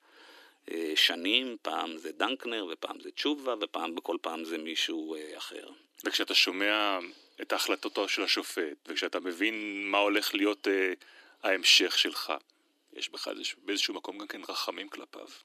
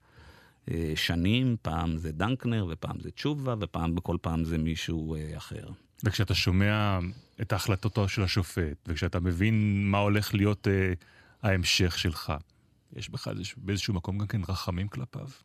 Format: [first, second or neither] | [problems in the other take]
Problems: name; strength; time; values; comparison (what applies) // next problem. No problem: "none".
second | thin; very; fading below 300 Hz